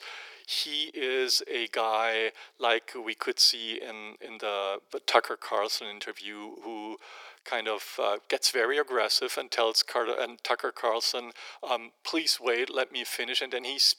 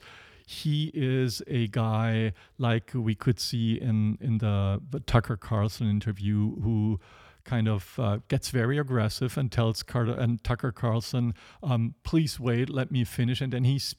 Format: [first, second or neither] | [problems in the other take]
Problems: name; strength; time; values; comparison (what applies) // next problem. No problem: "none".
second | thin; very; fading below 400 Hz